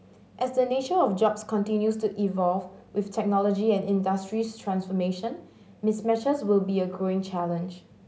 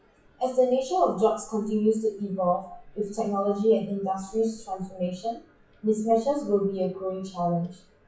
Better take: first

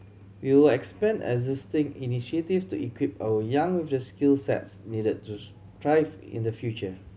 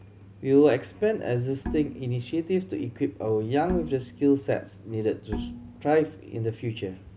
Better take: first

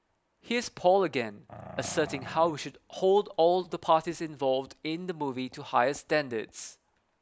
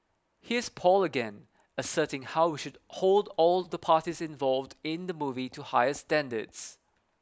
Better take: second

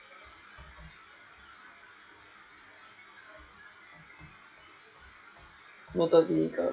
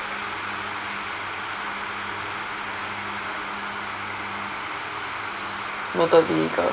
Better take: second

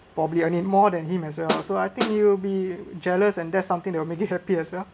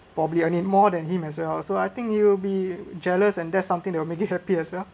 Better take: second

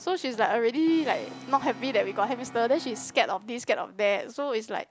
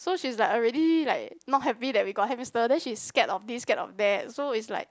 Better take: second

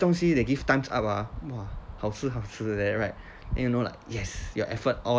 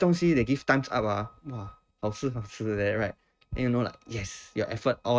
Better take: first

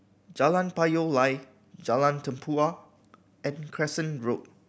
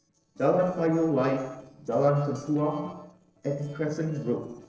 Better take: first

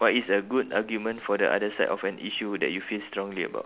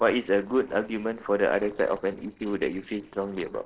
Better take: first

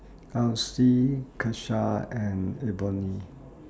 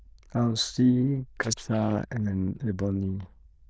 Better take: first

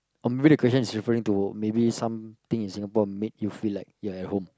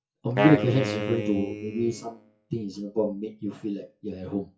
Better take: first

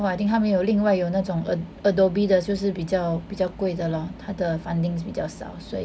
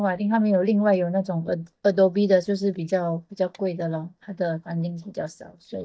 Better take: first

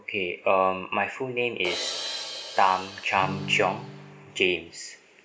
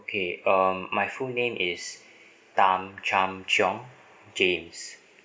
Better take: second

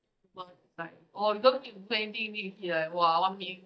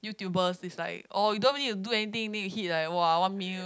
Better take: second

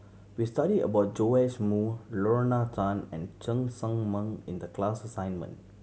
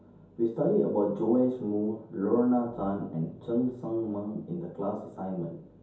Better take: first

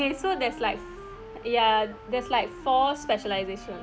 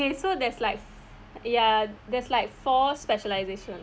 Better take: second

